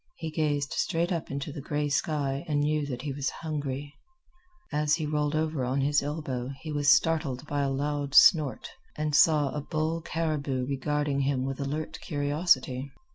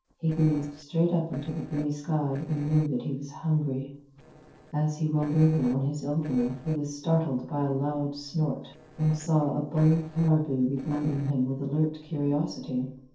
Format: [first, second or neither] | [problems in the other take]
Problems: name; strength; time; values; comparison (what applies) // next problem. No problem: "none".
first | noise reduction (neural separator model SepFormer DNS4)